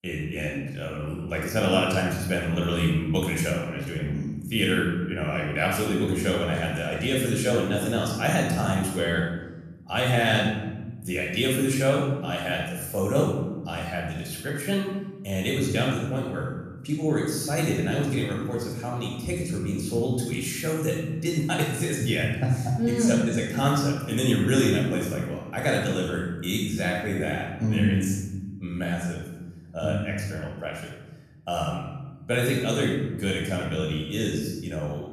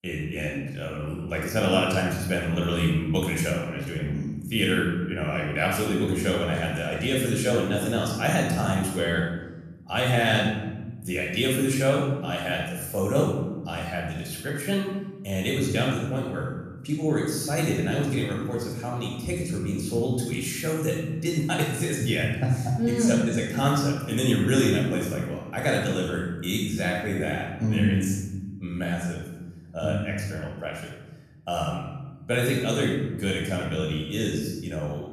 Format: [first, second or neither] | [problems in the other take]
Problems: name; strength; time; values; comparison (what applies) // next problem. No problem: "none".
neither | off-mic speech; far; the same in both // room echo; noticeable; dies away in 1.6 s; the same in both